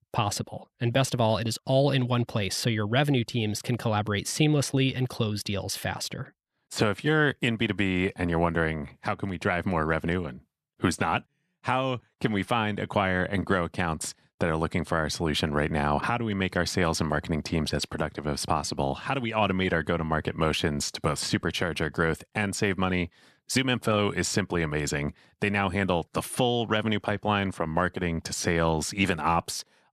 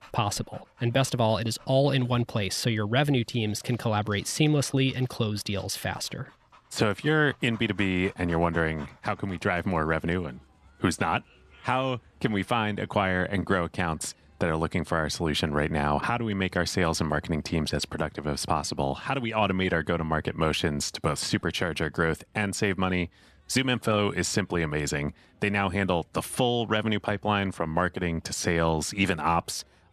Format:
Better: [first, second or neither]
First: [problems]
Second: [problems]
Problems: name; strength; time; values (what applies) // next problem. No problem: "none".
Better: first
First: none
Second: animal sounds; faint; throughout; 30 dB below the speech